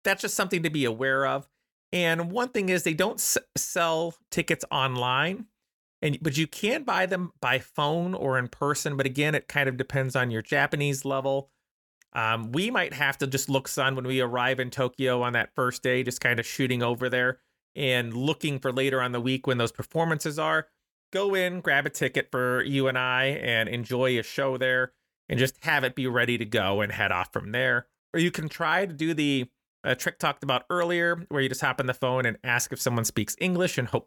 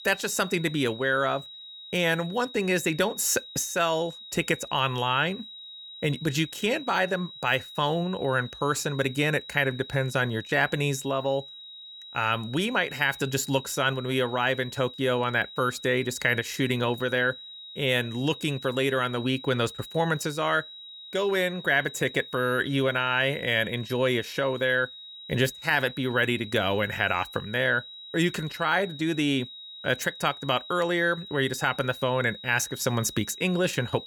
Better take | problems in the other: first | high-pitched whine; noticeable; throughout; 4 kHz, 15 dB below the speech

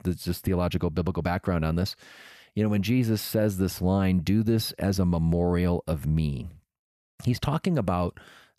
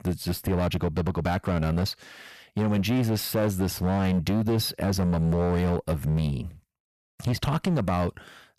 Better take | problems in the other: first | distortion; slight; 14% of the sound clipped

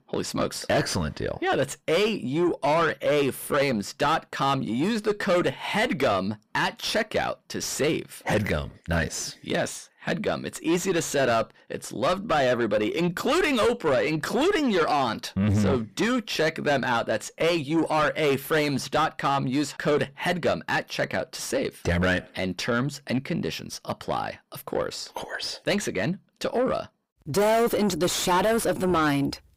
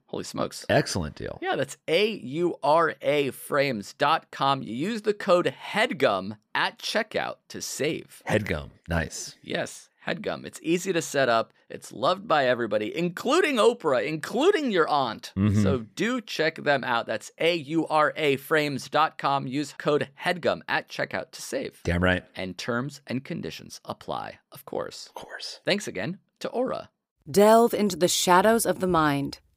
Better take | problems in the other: second | distortion; heavy; 6 dB below the speech

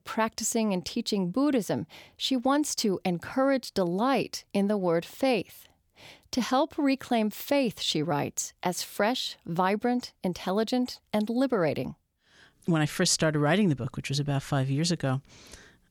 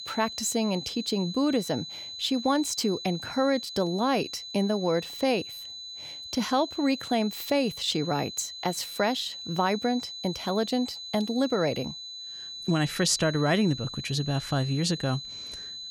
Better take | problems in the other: first | high-pitched whine; loud; throughout; 4 kHz, 9 dB below the speech

